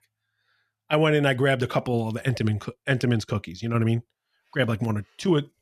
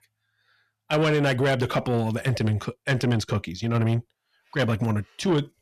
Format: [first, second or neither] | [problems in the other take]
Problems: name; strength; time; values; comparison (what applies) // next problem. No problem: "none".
first | distortion; slight; 10 dB below the speech